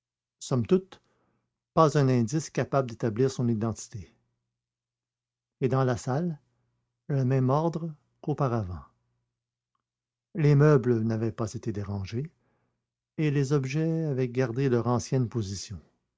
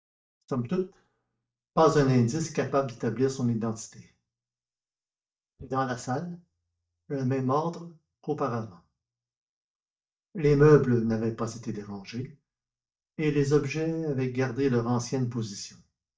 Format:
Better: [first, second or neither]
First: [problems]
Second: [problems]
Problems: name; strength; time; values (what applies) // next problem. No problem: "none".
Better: first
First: none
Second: noise reduction (neural mask model DeepFilterNet 3)